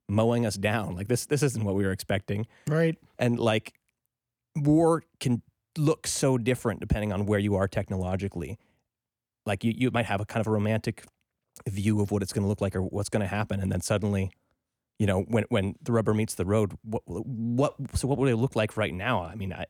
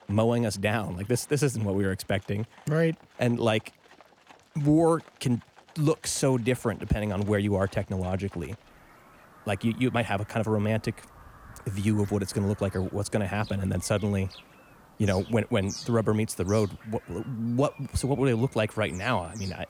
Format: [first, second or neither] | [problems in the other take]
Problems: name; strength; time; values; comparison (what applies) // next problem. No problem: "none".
first | animal sounds; faint; throughout; 20 dB below the speech